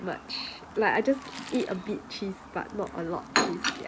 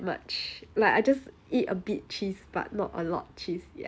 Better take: second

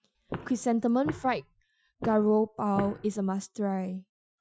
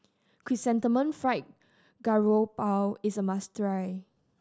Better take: second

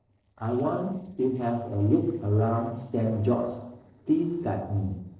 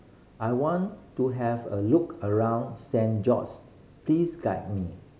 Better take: second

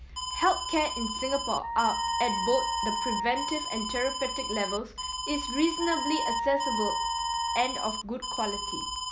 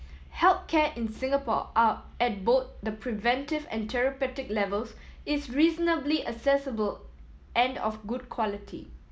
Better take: second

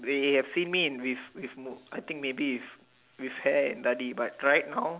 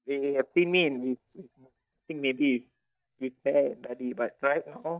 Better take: first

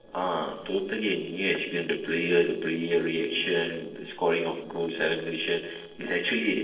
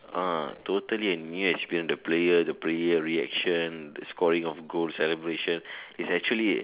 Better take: second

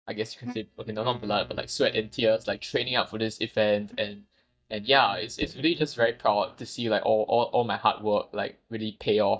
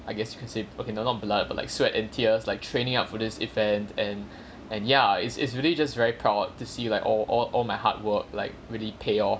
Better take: second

